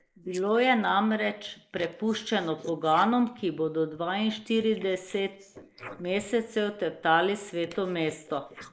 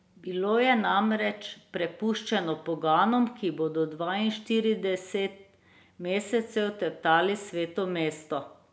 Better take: second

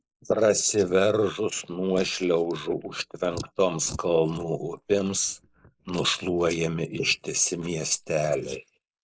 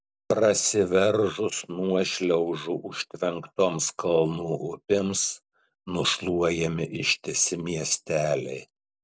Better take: second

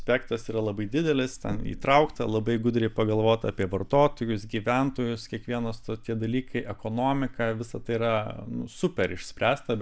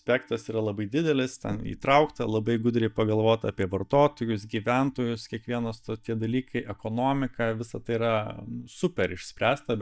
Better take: first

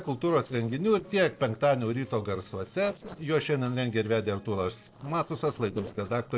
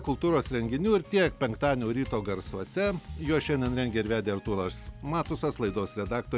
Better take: second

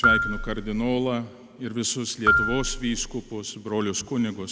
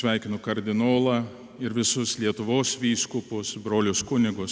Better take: second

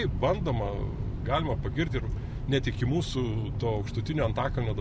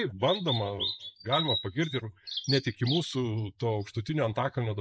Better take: first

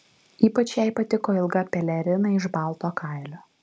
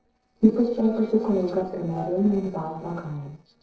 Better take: first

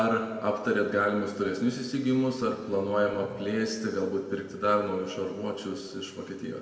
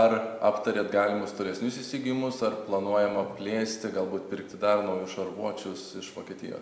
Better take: second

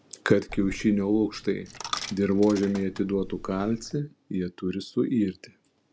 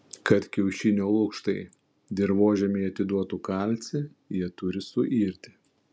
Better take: second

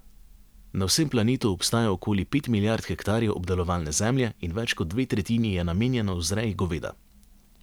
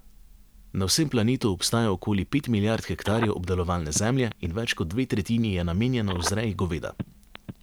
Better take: first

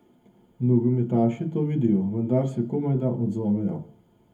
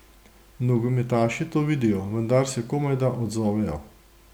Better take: second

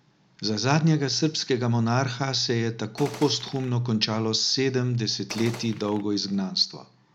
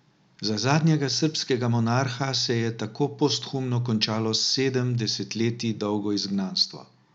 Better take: second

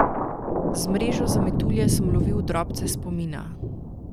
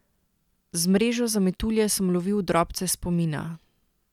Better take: second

